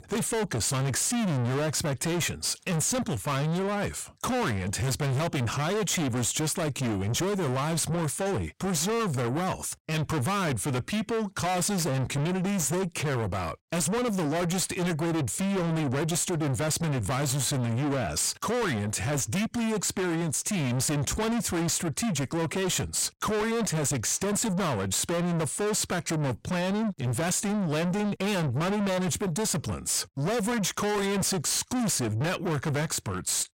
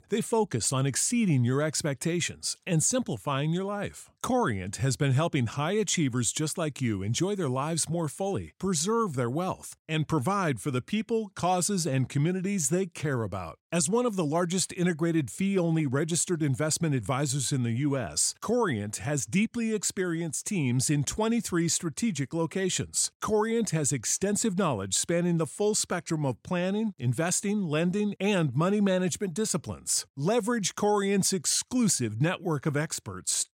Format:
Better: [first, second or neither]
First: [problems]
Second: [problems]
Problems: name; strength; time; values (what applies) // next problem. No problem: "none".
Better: second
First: distortion; heavy; 6 dB below the speech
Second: none